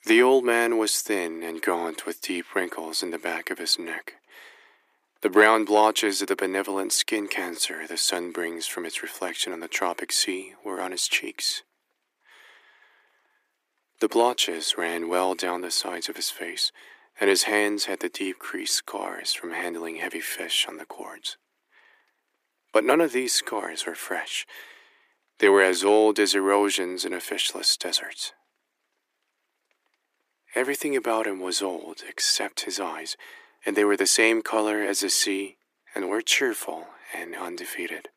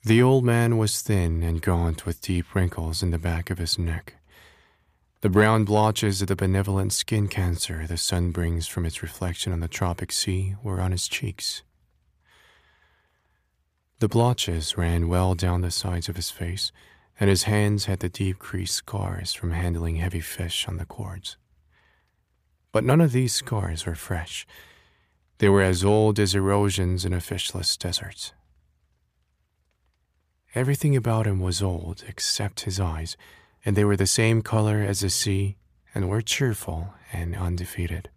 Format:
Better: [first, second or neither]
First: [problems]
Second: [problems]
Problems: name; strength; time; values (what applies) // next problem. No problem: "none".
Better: second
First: thin; very; fading below 300 Hz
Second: none